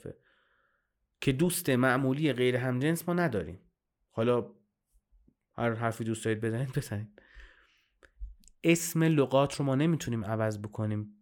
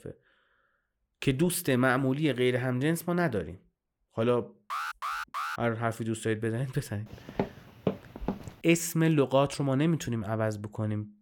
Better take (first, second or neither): first